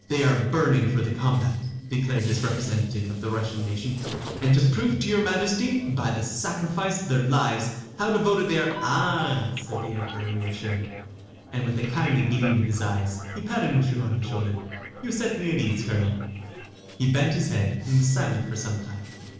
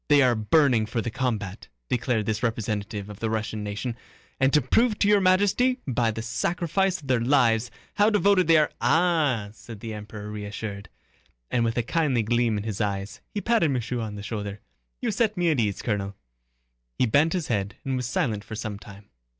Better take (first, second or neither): second